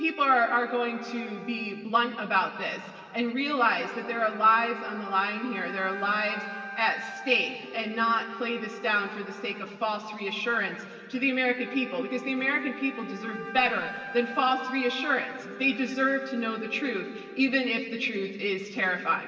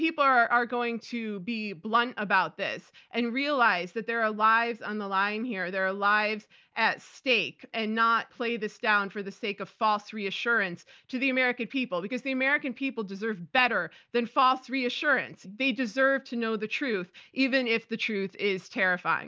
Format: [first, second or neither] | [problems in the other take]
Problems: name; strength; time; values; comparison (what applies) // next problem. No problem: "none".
second | background sound (Wind instrument, woodwind instrument); 15 dB below the speech // room echo; dies away in 2.3 s